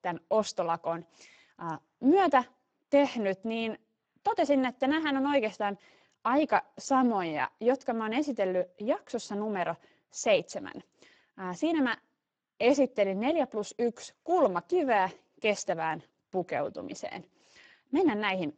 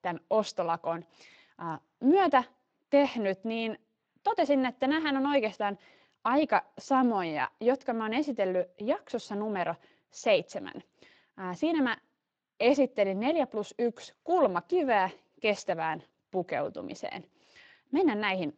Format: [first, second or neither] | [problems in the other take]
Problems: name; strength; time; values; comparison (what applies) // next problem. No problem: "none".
second | garbled, watery; badly; nothing above 7.5 kHz; slightly in the second